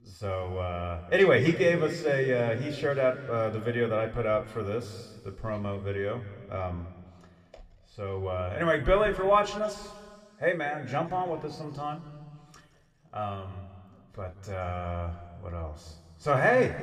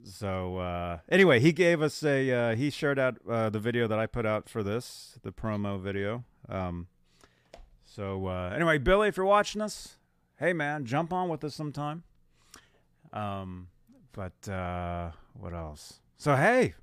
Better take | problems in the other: second | room echo; slight; dies away in 1.9 s

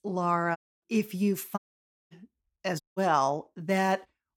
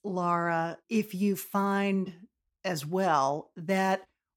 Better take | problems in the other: second | audio cutting out; at 0.5 s, at 1.5 s for 0.5 s and at 3 s

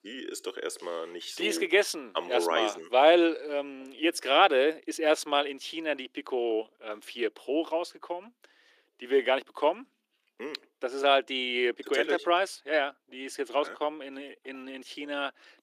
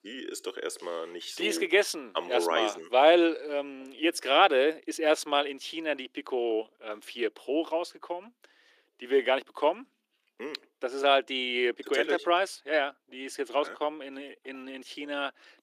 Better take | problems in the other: neither | thin; somewhat; fading below 300 Hz; the same in both

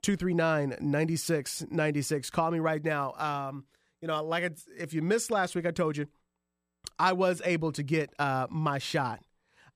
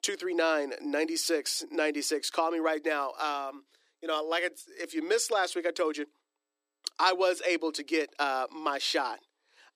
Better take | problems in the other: first | thin; somewhat; fading below 300 Hz

